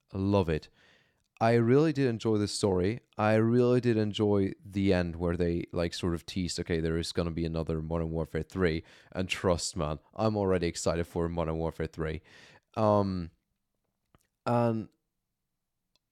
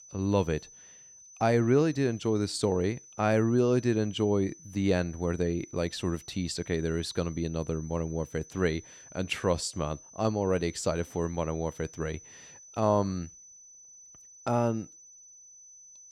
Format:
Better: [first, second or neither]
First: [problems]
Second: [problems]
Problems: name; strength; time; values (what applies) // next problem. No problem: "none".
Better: first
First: none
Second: high-pitched whine; noticeable; throughout; 6 kHz, 20 dB below the speech